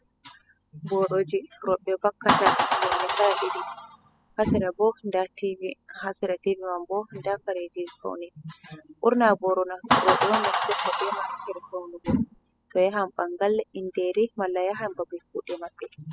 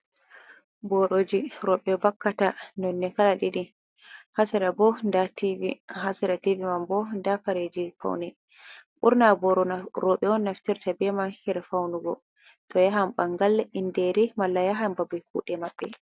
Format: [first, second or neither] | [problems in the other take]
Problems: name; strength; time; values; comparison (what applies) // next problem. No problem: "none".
second | noise reduction (classical method spectral subtraction)